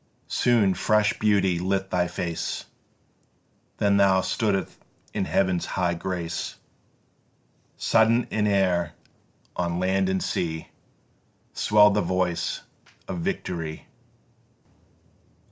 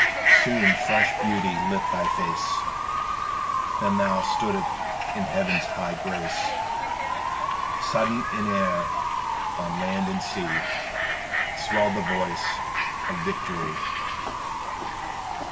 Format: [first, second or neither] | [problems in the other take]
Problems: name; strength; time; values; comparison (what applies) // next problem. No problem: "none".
first | background sound (Bird / Fowl); 4 dB above the speech // room echo; dies away in 1.9 s